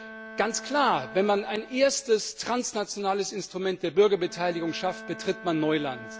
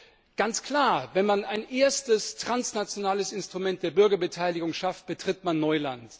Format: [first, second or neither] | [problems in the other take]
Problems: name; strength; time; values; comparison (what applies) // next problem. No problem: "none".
second | background sound (Bowed string instrument); 17 dB below the speech